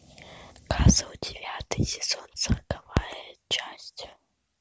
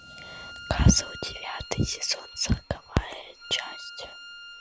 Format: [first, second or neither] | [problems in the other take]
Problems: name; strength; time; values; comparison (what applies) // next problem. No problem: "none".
first | background sound (Bowed string instrument); 15 dB below the speech